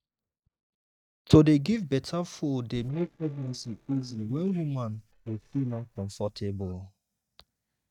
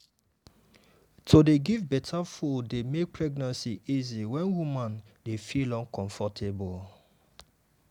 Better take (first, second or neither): second